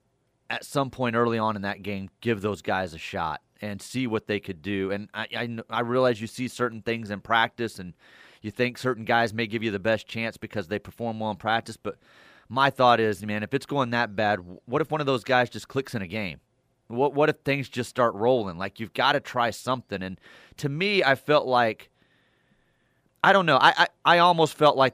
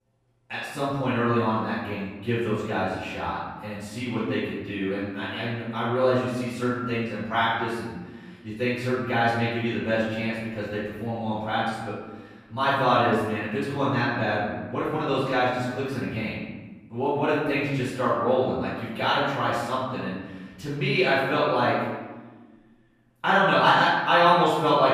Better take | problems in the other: first | off-mic speech; far // room echo; strong; dies away in 1.2 s

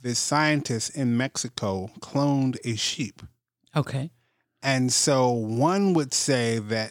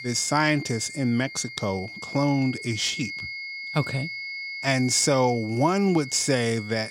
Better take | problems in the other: first | high-pitched whine; loud; throughout; 2 kHz, 10 dB below the speech

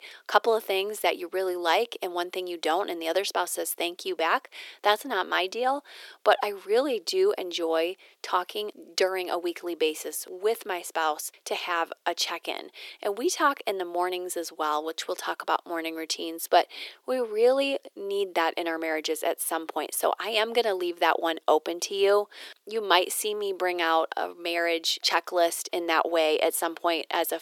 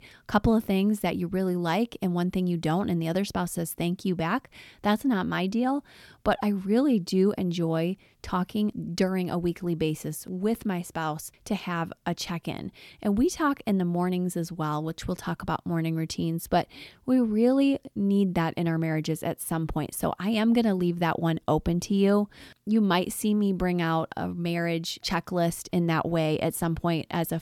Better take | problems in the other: second | thin; very; fading below 400 Hz

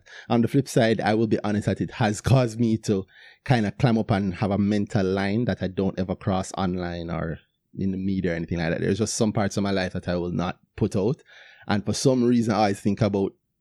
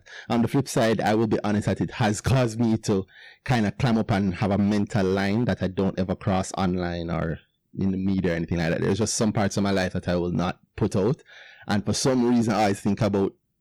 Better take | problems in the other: first | distortion; slight; 9% of the sound clipped

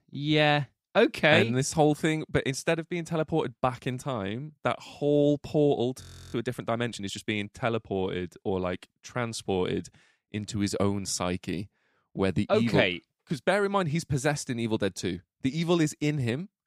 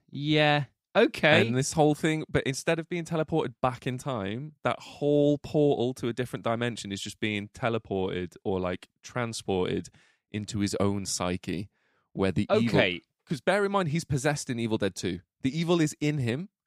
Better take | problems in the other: second | audio freezing; at 6 s

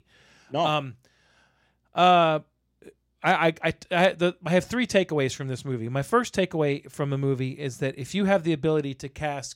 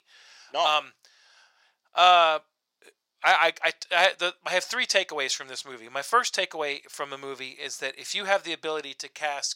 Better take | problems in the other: first | thin; very; fading below 900 Hz

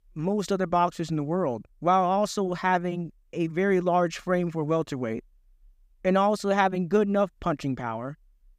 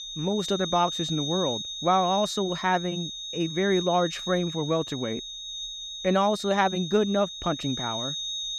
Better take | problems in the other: first | high-pitched whine; loud; throughout; 3.5 kHz, 6 dB below the speech

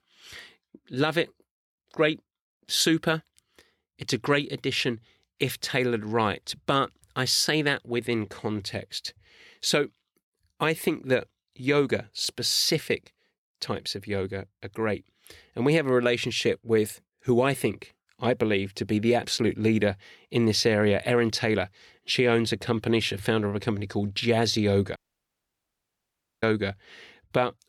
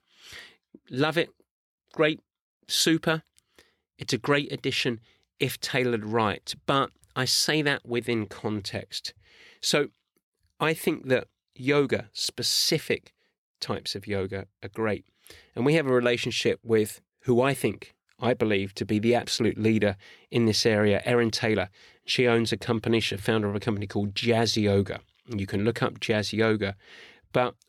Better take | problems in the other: second | audio cutting out; at 25 s for 1.5 s

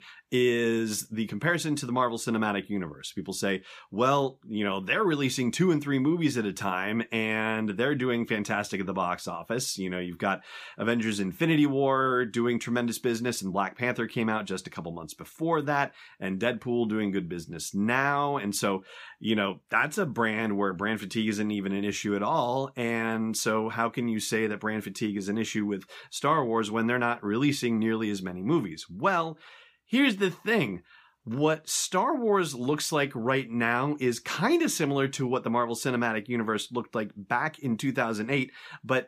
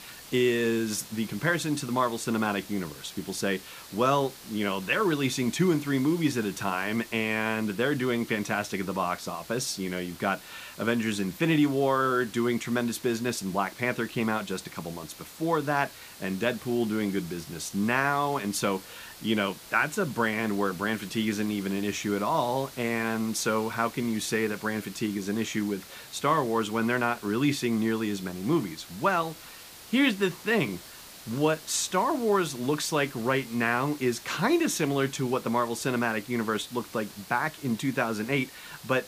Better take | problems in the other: first | hiss; noticeable; throughout; 15 dB below the speech

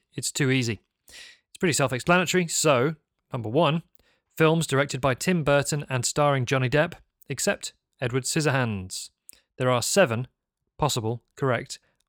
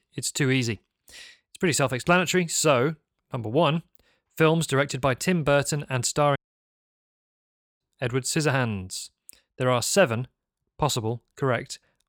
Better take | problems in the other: first | audio cutting out; at 6.5 s for 1.5 s

